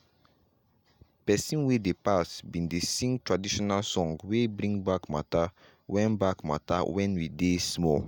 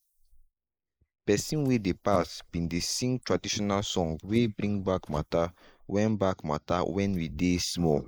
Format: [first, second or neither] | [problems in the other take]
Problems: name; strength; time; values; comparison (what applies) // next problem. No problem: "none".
first | noise reduction (neural mask model Resemble Enhance denoiser)